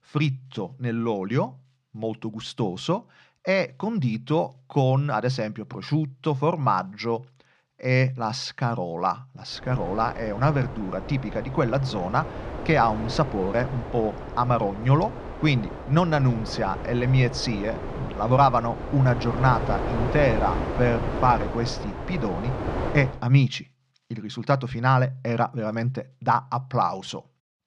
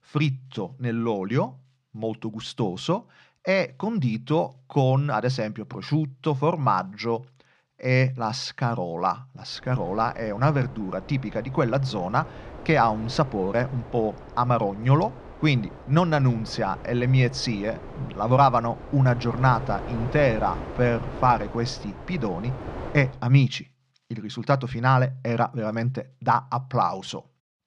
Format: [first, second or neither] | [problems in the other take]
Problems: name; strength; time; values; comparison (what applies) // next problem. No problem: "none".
second | wind noise on the microphone; heavy; from 9.5 to 23 s; 8 dB below the speech; occasional gusts in the second